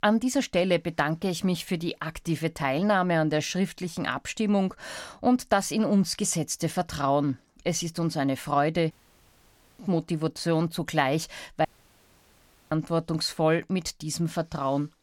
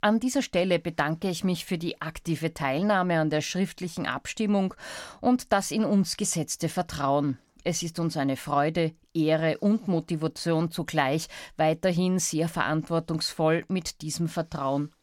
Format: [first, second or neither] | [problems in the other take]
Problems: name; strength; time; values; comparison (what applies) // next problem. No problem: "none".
second | audio cutting out; at 9 s for 1 s and at 12 s for 1 s